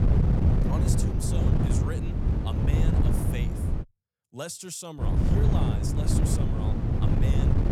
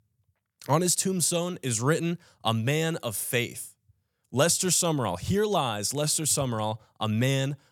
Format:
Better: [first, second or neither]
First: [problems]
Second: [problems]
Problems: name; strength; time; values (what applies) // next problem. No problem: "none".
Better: second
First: wind noise on the microphone; heavy; until 4 s and from 5 s on; 4 dB above the speech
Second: none